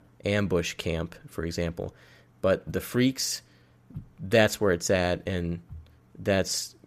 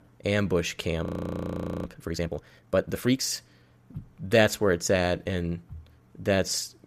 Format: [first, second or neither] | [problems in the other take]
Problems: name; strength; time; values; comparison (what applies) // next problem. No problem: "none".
first | audio freezing; at 1 s for 1 s